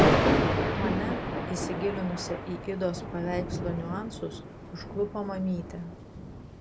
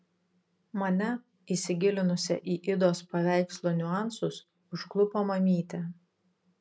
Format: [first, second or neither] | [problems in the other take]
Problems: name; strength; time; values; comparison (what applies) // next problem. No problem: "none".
second | background sound (Thunder); 5 dB above the speech